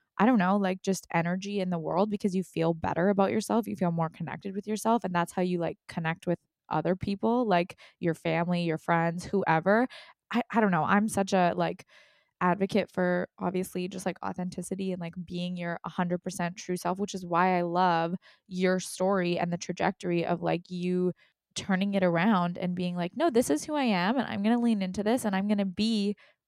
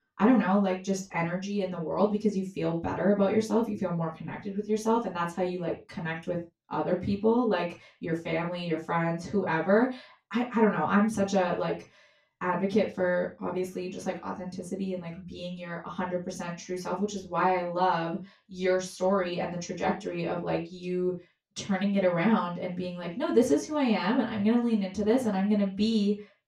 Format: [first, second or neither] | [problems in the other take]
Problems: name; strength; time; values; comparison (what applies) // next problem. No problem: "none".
first | room echo; slight; dies away in 0.2 s // off-mic speech; far